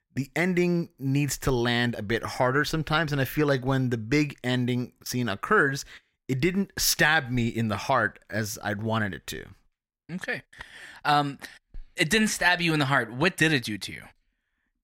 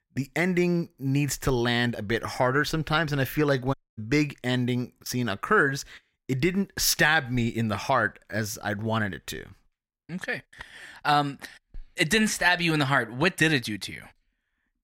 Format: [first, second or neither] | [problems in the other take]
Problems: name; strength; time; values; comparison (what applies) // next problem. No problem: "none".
first | audio cutting out; at 3.5 s